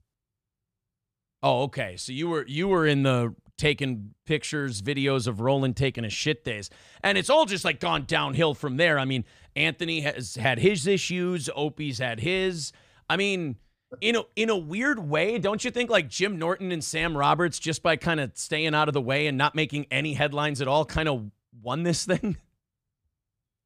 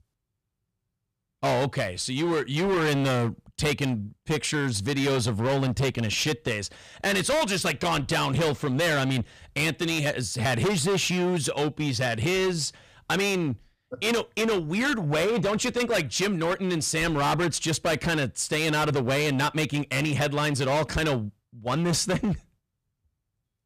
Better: first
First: none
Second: distortion; heavy; 20% of the sound clipped

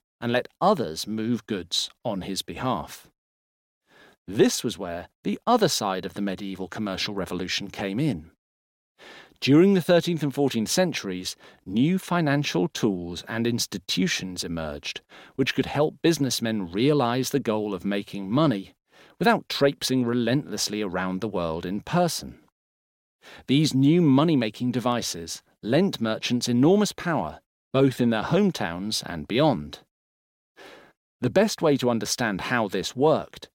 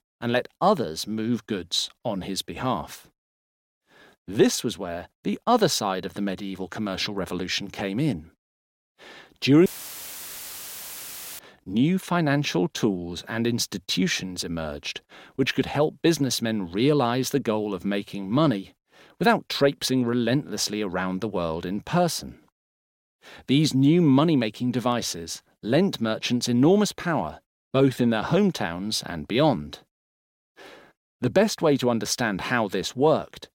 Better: first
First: none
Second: audio cutting out; filled with static; at 9.5 s for 1.5 s

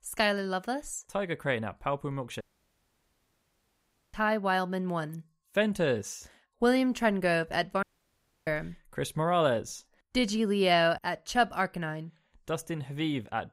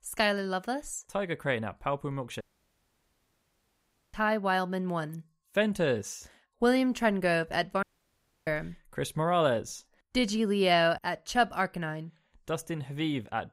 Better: neither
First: audio cutting out; at 2.5 s for 1.5 s and at 8 s for 0.5 s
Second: audio cutting out; at 2.5 s for 1.5 s and at 8 s for 0.5 s

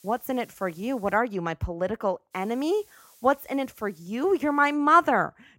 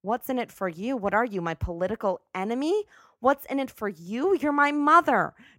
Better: second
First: hiss; faint; until 1 s and from 2.5 to 4.5 s; 30 dB below the speech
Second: none

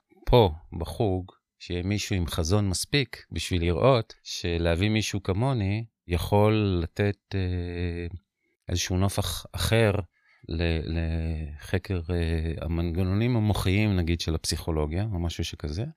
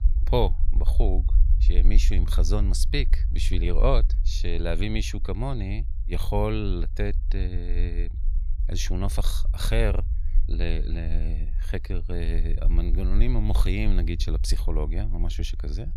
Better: first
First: none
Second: low rumble; noticeable; throughout; 15 dB below the speech

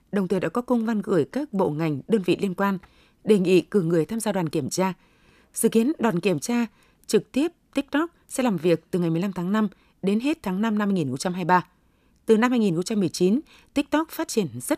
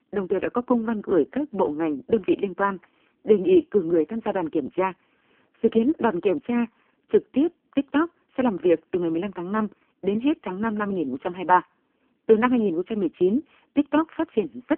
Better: first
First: none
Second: phone-call audio; poor line

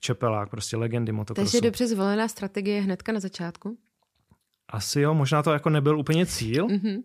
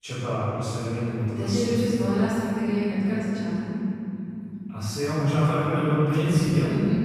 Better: first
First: none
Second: off-mic speech; far // room echo; strong; dies away in 3 s

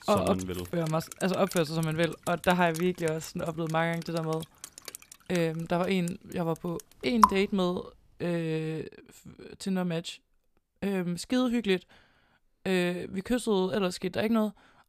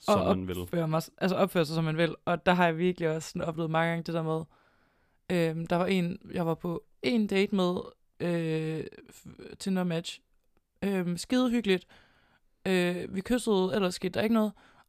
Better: second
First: rain or running water; loud; until 8 s; 5 dB below the speech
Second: none

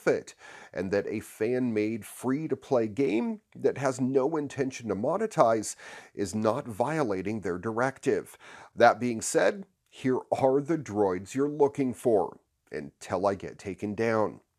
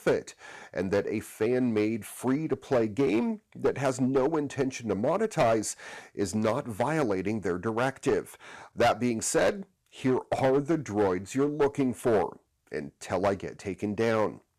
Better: first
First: none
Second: distortion; slight; 6% of the sound clipped

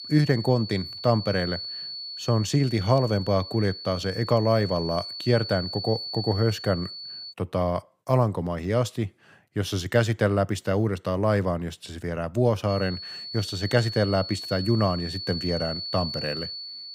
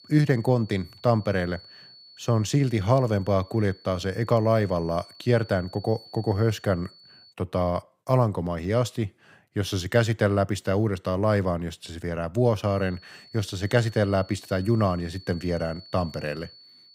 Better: second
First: high-pitched whine; loud; until 7.5 s and from 13 s on; 4.5 kHz, 8 dB below the speech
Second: high-pitched whine; faint; until 7.5 s and from 13 s on; 4.5 kHz, 20 dB below the speech

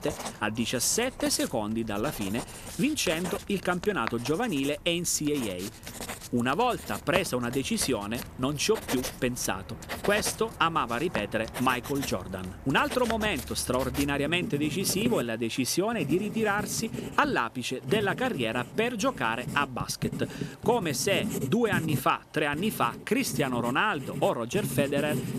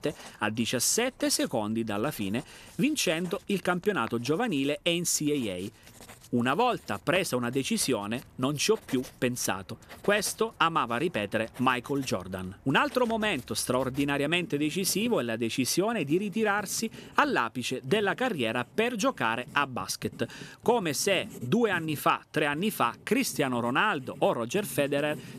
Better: second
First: household noises; loud; throughout; 9 dB below the speech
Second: household noises; faint; throughout; 20 dB below the speech

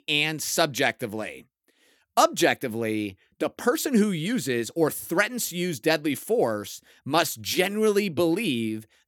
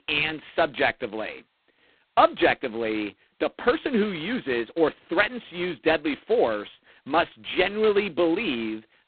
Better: first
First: none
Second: phone-call audio; poor line; nothing above 4 kHz

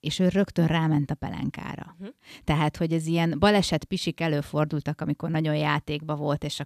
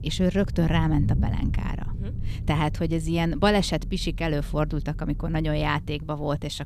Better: first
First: none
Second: low rumble; noticeable; throughout; 15 dB below the speech

